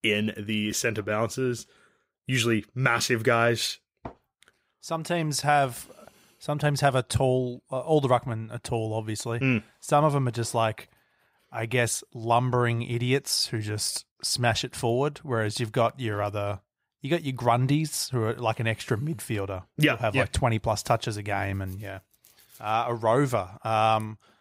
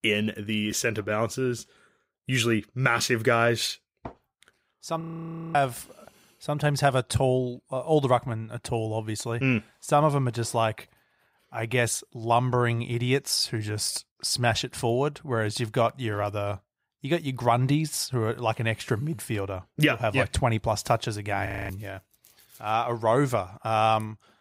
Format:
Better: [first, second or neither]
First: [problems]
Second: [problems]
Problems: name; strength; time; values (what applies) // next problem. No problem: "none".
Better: first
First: none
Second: audio freezing; at 5 s for 0.5 s and at 21 s